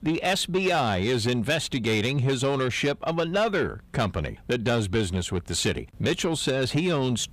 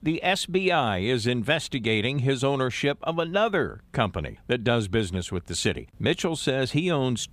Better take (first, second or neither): second